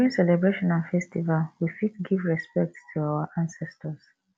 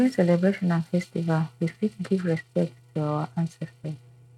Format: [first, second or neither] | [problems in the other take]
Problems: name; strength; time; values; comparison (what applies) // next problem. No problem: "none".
first | noise reduction (neural mask model RNNoise)